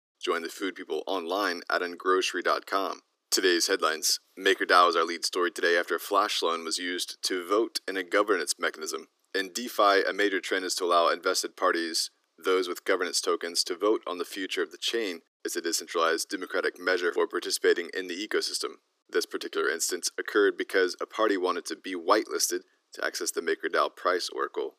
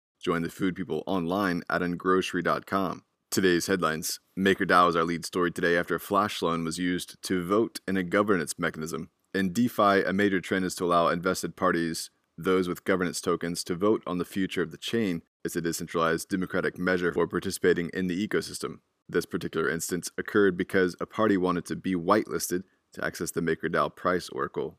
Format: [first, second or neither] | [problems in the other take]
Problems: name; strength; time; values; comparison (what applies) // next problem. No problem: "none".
second | thin; somewhat; fading below 300 Hz